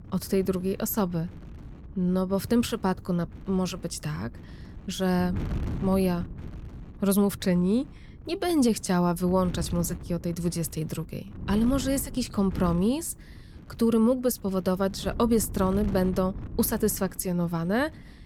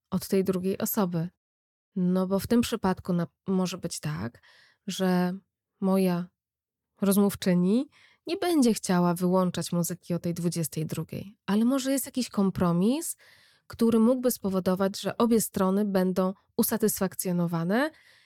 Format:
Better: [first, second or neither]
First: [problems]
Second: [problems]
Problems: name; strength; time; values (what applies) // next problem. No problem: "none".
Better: second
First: wind noise on the microphone; occasional gusts; 20 dB below the speech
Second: none